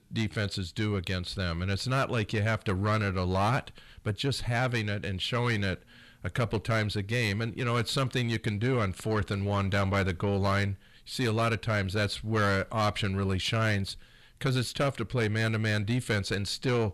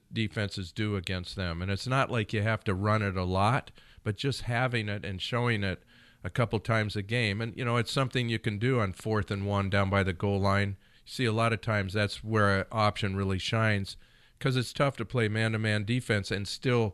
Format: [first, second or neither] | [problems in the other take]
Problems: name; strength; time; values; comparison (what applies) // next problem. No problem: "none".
second | distortion; slight; 10 dB below the speech